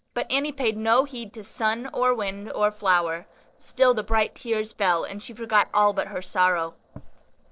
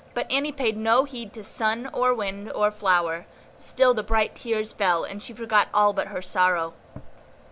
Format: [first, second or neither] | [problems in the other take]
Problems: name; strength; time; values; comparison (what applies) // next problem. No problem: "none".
second | noise reduction (neural separator model SepFormer DNS4)